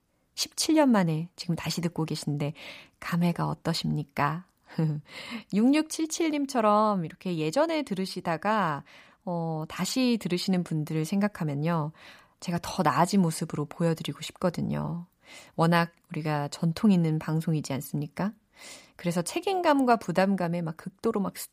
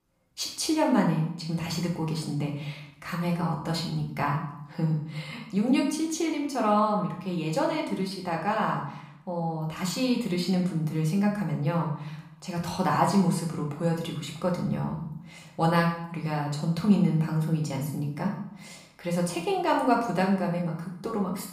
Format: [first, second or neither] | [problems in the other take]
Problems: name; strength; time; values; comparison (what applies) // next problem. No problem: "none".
first | room echo; noticeable; dies away in 0.6 s // off-mic speech; somewhat distant